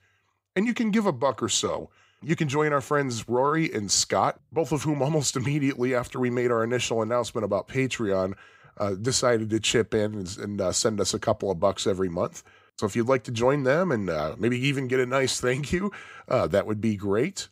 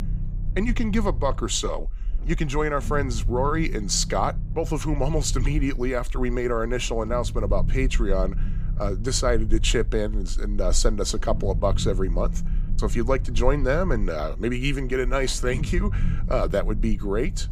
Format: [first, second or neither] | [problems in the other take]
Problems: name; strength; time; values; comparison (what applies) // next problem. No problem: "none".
first | low rumble; noticeable; throughout; 20 dB below the speech